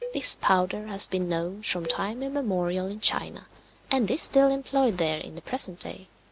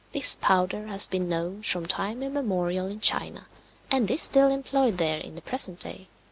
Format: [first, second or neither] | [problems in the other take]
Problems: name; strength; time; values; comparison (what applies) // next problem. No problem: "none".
second | background sound (Cowbell); 16 dB below the speech